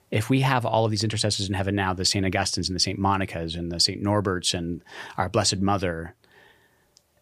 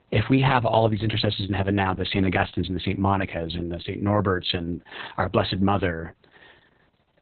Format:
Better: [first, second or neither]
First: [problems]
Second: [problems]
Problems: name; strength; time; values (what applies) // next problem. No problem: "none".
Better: first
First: none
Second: garbled, watery; badly; nothing above 4 kHz